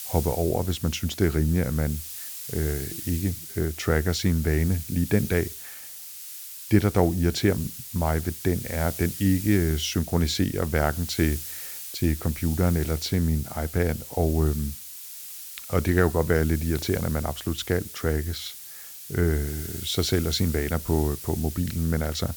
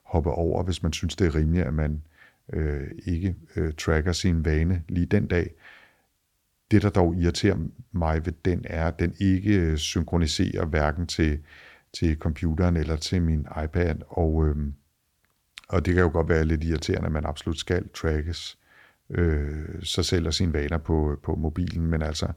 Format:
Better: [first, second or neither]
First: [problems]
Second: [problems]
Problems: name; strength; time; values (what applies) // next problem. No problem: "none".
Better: second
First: hiss; loud; throughout; 10 dB below the speech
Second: none